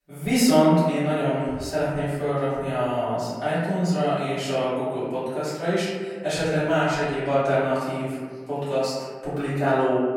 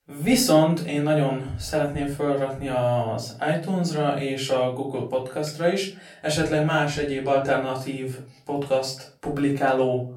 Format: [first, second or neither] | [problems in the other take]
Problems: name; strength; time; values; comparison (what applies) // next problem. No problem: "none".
second | room echo; strong; dies away in 1.5 s; slight in the second // off-mic speech; far; far in the second